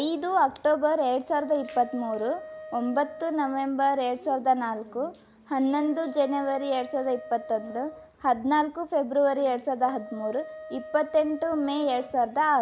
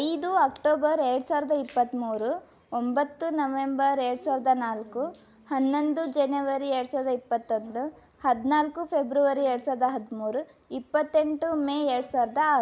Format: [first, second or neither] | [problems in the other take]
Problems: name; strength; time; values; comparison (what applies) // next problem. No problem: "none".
second | background sound (Wind instrument, woodwind instrument); 17 dB below the speech